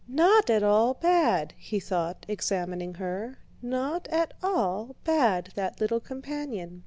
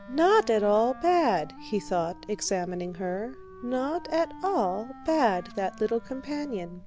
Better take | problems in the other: first | background sound (Wind instrument, woodwind instrument); 19 dB below the speech

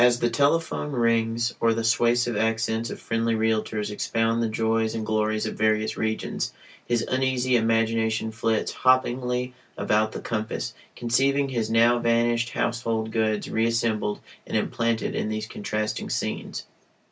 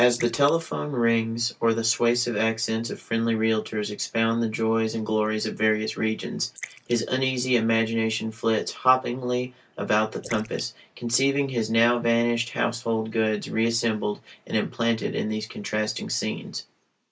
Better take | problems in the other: first | noise reduction (neural mask model Resemble Enhance denoiser)

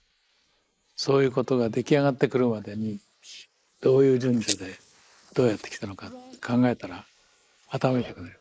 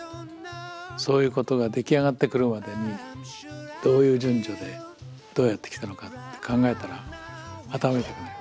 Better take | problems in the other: second | noise reduction (neural mask model Resemble Enhance denoiser)

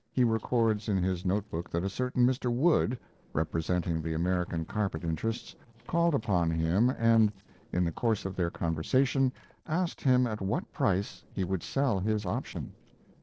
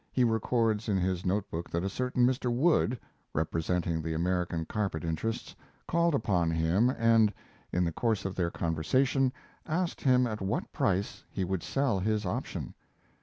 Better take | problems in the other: second | noise reduction (neural separator model SepFormer DNS4)

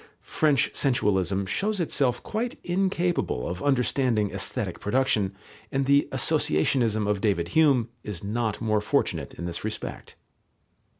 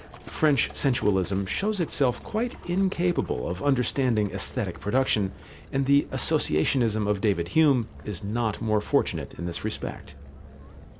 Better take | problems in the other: first | background sound (Musical instrument + Livestock, farm animals, working animals); 17 dB below the speech

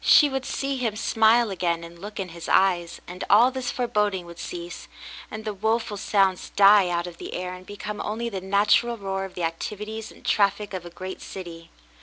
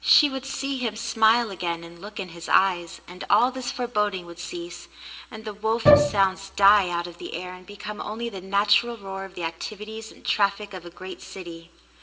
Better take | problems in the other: first | background sound (Bowed string instrument); 5 dB above the speech // room echo; dies away in 1.1 s

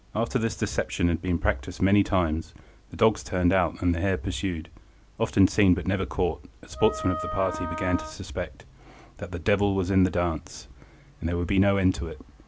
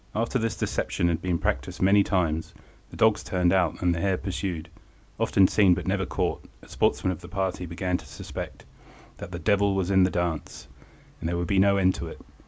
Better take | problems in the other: second | background sound (Wind instrument, woodwind instrument); 8 dB below the speech

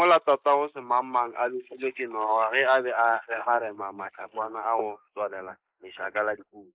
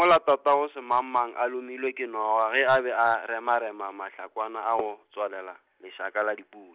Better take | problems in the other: second | noise reduction (neural mask model Resemble Enhance denoiser)

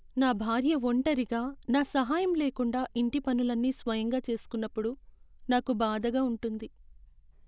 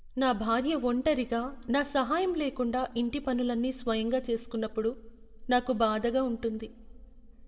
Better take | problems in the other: first | room echo; dies away in 0.6 s

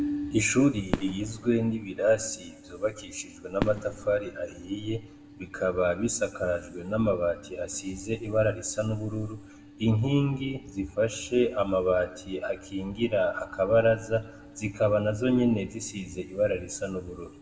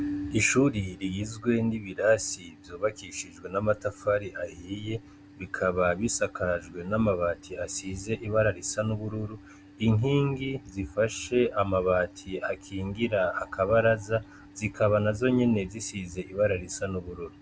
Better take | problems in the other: second | background sound (Fireworks); 11 dB below the speech // room echo; dies away in 1.2 s

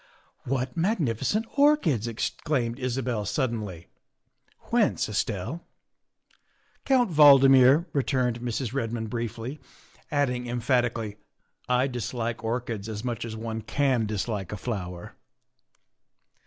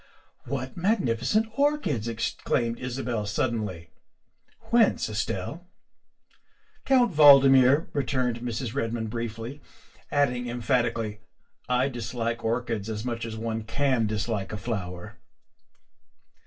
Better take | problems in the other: first | room echo; dies away in 0.1 s

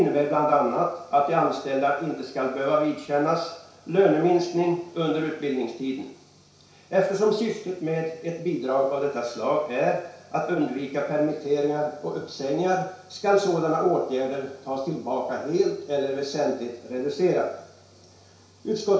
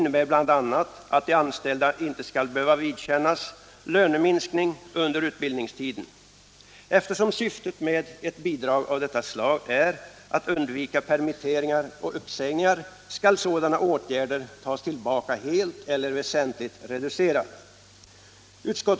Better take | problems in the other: second | room echo; dies away in 0.6 s

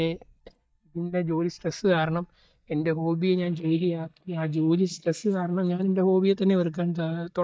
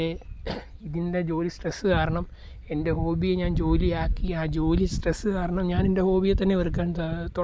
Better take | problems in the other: second | noise reduction (neural mask model DeepFilterNet 3)

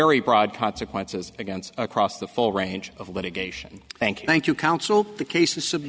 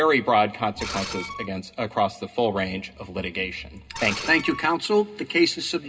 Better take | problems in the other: first | background sound (Screech); 11 dB below the speech // room echo; dies away in 0.2 s

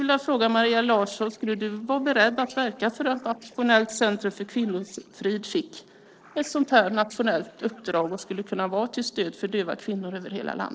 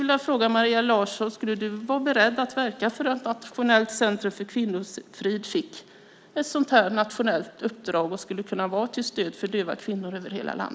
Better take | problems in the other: second | noise reduction (neural separator model SepFormer DNS4)

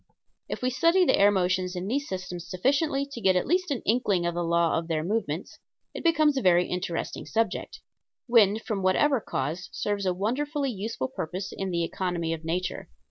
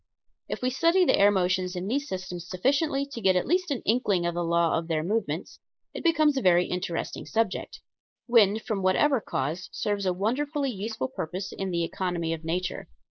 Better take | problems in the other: first | noise reduction (neural mask model Resemble Enhance denoiser)

